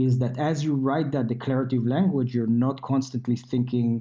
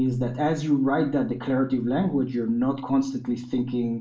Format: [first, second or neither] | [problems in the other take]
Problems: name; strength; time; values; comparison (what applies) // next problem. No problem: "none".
first | room echo; dies away in 0.3 s